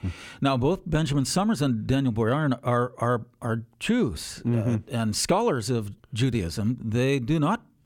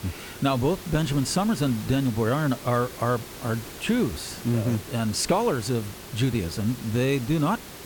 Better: first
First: none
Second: hiss; noticeable; throughout; 15 dB below the speech

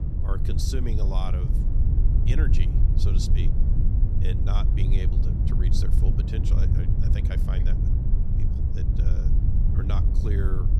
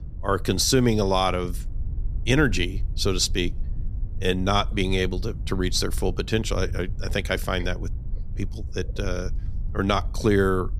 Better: second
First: low rumble; loud; throughout; as loud as the speech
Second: low rumble; faint; throughout; 25 dB below the speech

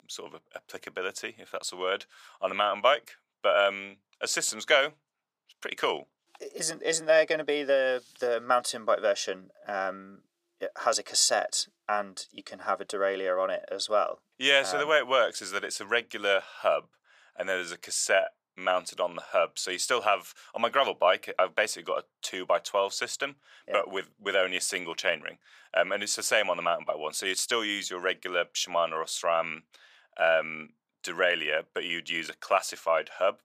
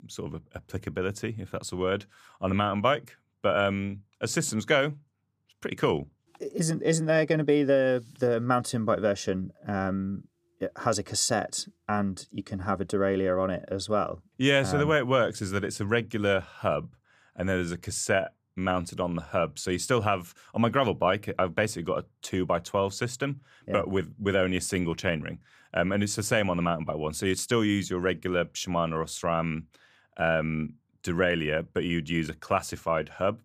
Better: second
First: thin; very; fading below 600 Hz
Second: none

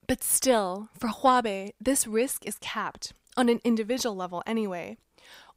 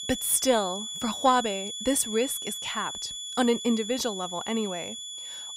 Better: first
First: none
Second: high-pitched whine; loud; throughout; 3.5 kHz, 6 dB below the speech

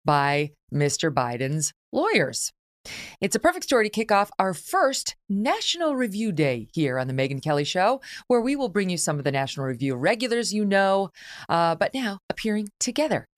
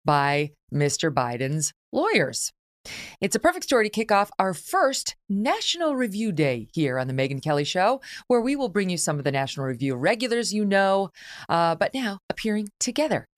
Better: neither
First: none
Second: none

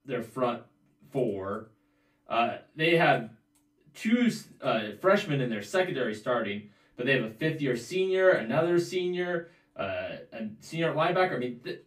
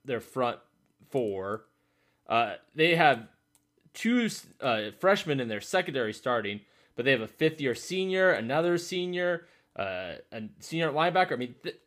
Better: second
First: off-mic speech; far // room echo; very slight; dies away in 0.2 s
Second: none

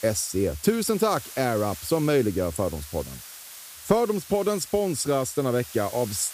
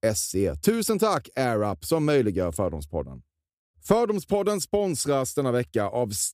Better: second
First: hiss; noticeable; throughout; 15 dB below the speech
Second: none

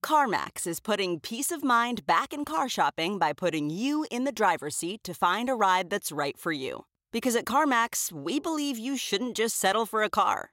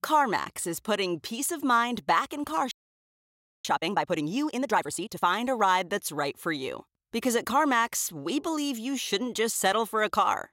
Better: first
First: none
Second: audio freezing; at 2.5 s for 1 s

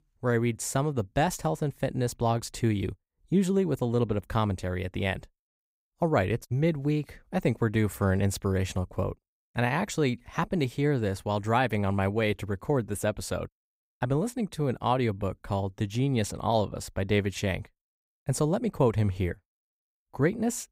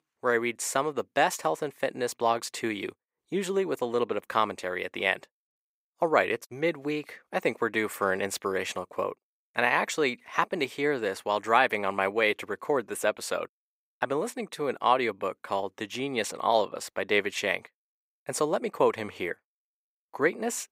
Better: first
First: none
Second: thin; somewhat; fading below 400 Hz

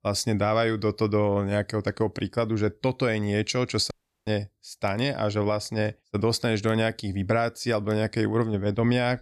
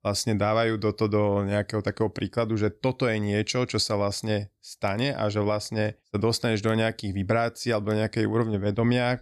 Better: second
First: audio cutting out; at 4 s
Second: none

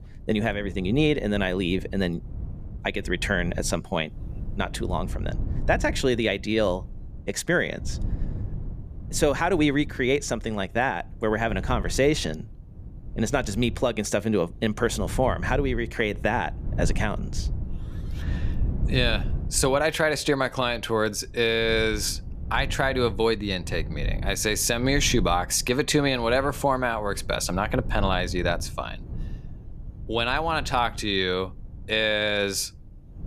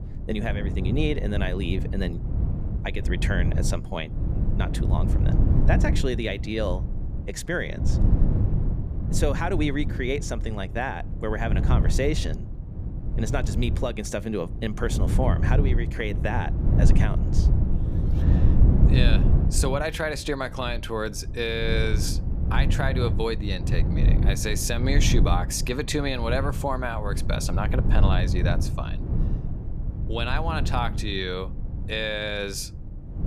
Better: first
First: wind noise on the microphone; occasional gusts; 20 dB below the speech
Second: wind noise on the microphone; heavy; 8 dB below the speech

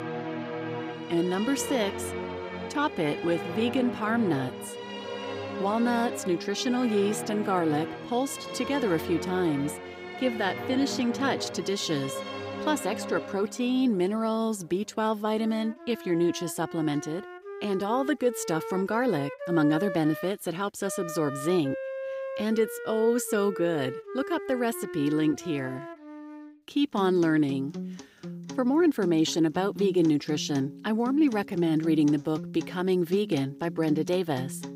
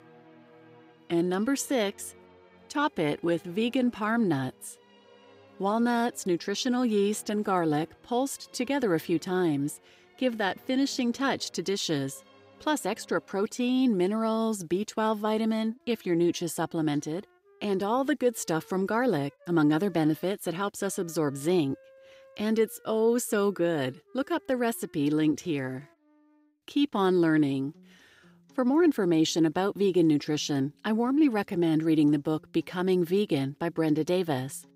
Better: second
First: background music; loud; throughout; 10 dB below the speech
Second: background music; faint; throughout; 30 dB below the speech

